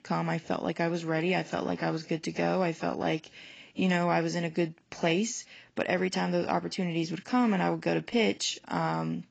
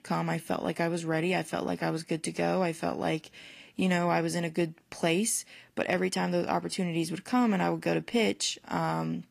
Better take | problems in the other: second | garbled, watery; badly; nothing above 7.5 kHz; slightly in the second

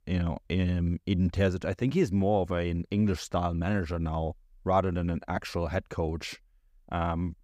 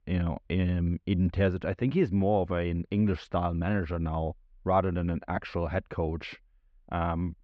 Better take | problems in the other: first | muffled; slightly; fading above 3 kHz

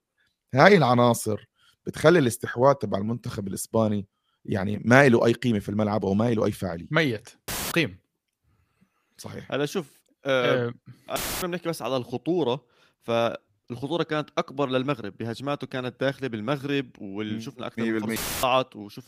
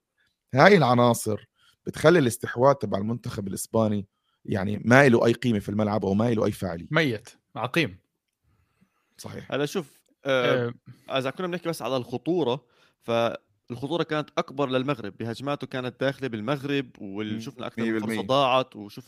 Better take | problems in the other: second | audio cutting out; filled with static; at 7.5 s, at 11 s and at 18 s

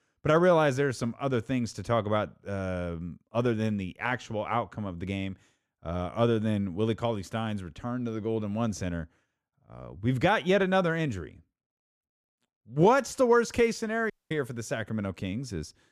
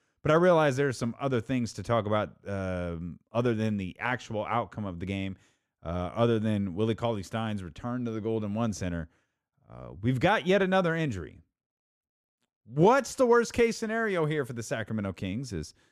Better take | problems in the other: second | audio cutting out; at 14 s

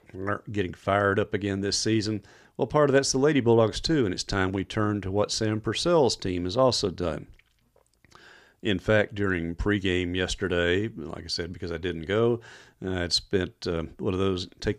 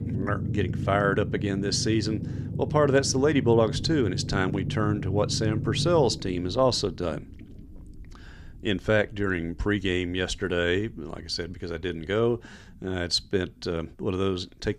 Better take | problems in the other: first | low rumble; noticeable; throughout; 15 dB below the speech

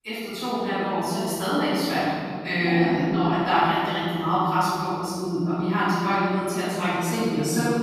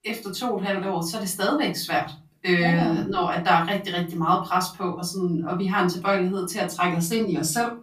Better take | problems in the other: second | room echo; strong; dies away in 3 s; slight in the second // off-mic speech; far; far in the second

